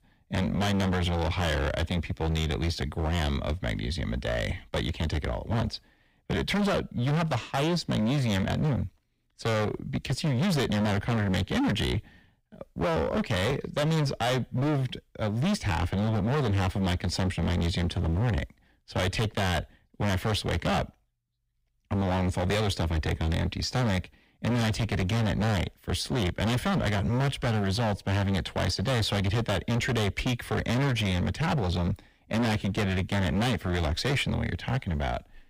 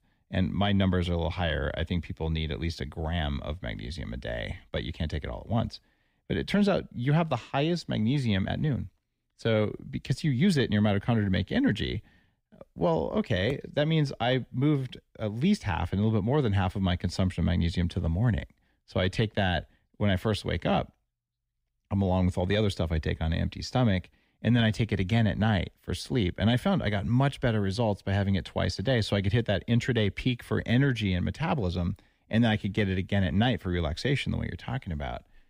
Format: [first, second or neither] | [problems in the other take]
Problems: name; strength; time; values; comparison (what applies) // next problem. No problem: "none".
second | distortion; heavy; 27% of the sound clipped